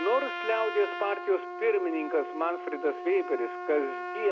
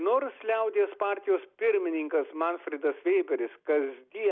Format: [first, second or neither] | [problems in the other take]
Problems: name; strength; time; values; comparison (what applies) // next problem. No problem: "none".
second | background sound (Trumpet); 8 dB below the speech